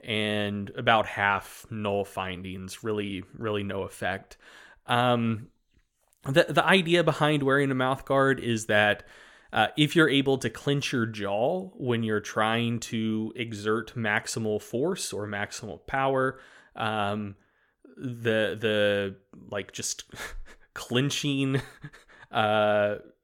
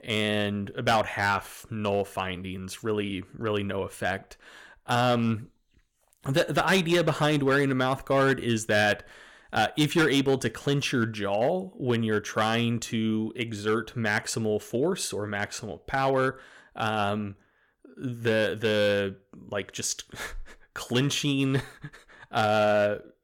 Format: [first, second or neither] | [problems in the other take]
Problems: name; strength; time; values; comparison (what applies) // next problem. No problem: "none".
first | distortion; slight; 3% of the sound clipped